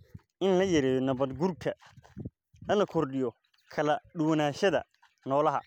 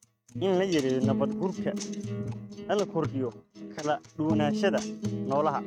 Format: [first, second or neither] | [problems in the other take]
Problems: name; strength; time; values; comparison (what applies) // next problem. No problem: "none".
first | noise reduction (neural mask model RNNoise)